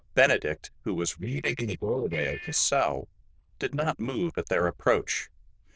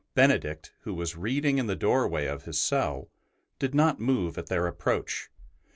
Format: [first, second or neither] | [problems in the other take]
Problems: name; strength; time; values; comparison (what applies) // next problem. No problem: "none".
second | noise reduction (neural diffusion model UNIVERSE++)